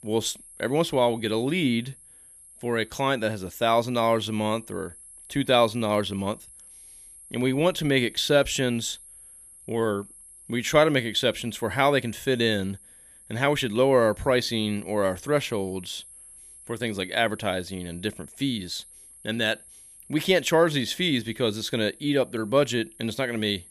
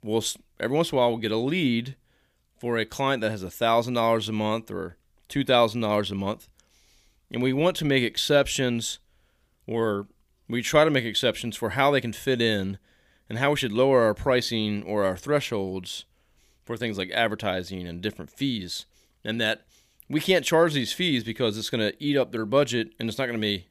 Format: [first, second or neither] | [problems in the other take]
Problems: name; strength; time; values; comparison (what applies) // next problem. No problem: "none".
second | high-pitched whine; faint; throughout; 11 kHz, 20 dB below the speech